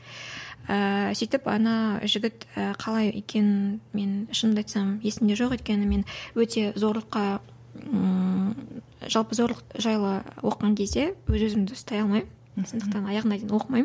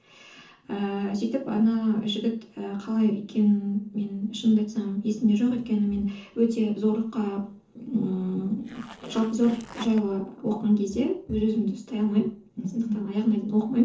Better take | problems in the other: first | noise reduction (neural separator model SepFormer DNS4)

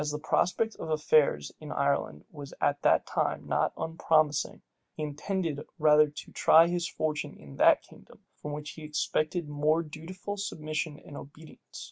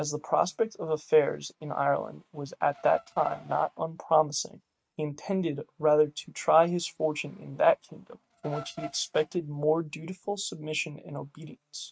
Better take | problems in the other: first | noise reduction (neural mask model RNNoise)

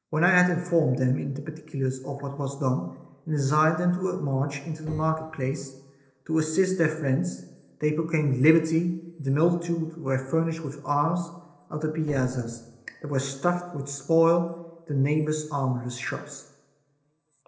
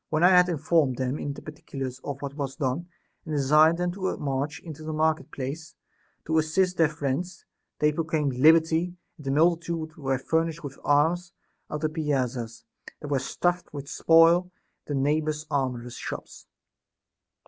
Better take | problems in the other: second | noise reduction (neural separator model SepFormer DNS4)

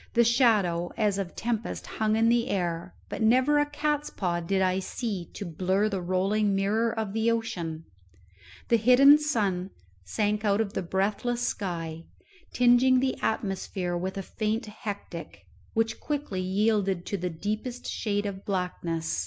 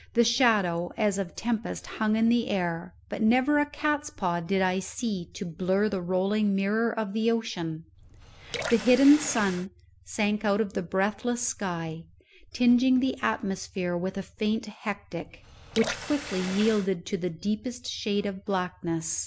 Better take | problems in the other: first | background sound (Water tap, faucet / Water); 10 dB below the speech

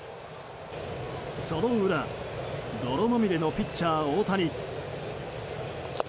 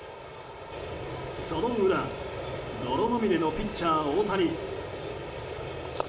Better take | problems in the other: first | room echo; dies away in 1.2 s

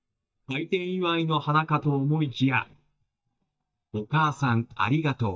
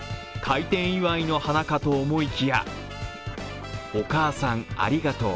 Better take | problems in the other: second | noise reduction (neural mask model DeepFilterNet 3)

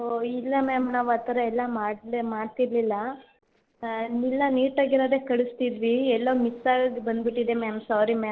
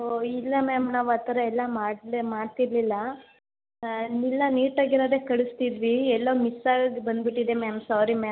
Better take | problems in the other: second | noise reduction (neural separator model SepFormer DNS4)

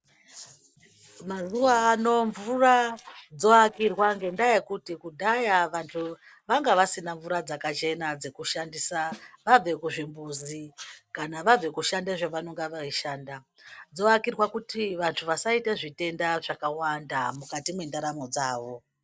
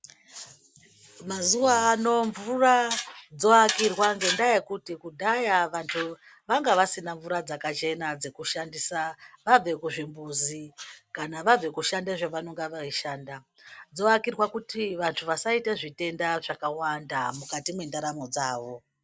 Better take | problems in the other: second | noise reduction (neural separator model SepFormer DNS4)

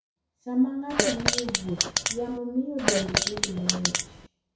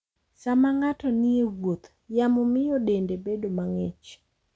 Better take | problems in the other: second | background sound (Fart); 4 dB above the speech // room echo; dies away in 0.6 s

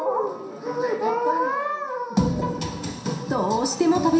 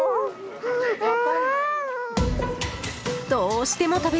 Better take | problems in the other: second | room echo; dies away in 0.7 s

